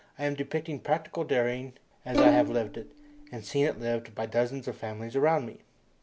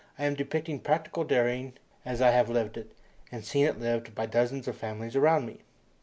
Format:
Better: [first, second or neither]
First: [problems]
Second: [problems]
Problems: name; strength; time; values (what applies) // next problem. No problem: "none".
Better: second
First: background sound (Bowed string instrument); 2 dB below the speech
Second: none